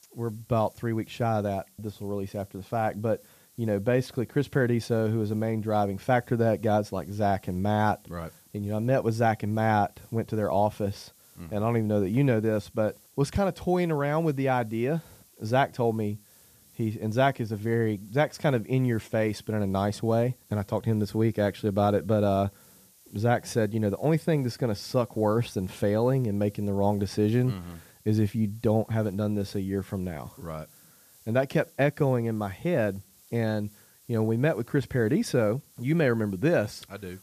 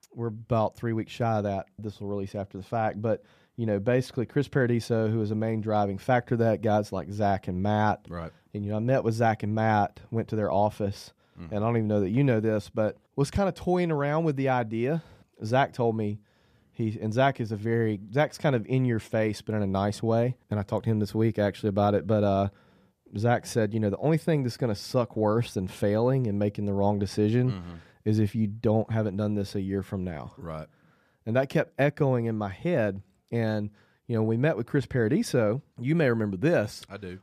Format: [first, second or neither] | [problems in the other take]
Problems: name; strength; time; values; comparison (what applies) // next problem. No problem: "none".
second | hiss; faint; throughout; 25 dB below the speech